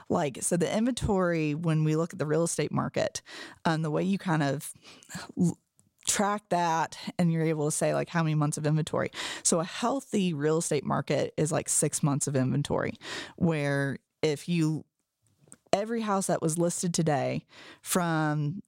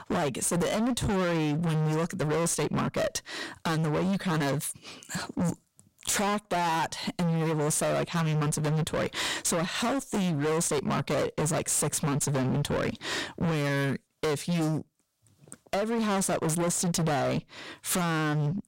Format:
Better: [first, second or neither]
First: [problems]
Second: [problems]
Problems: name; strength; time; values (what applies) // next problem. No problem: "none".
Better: first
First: none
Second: distortion; heavy; 32% of the sound clipped